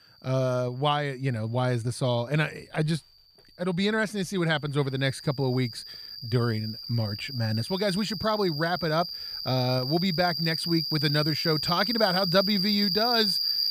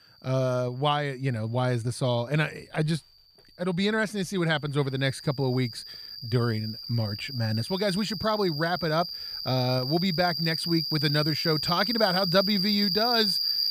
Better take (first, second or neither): neither